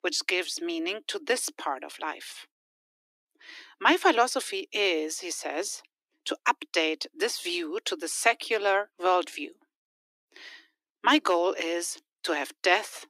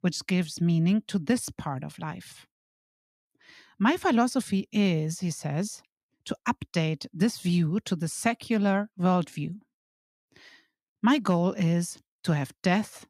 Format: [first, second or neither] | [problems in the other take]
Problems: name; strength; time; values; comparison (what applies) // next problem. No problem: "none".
second | thin; very; fading below 300 Hz